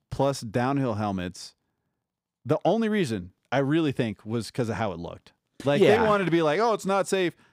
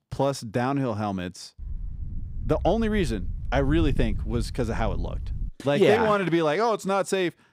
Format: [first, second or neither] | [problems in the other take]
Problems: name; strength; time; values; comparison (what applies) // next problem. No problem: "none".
first | wind noise on the microphone; occasional gusts; from 1.5 to 5.5 s; 25 dB below the speech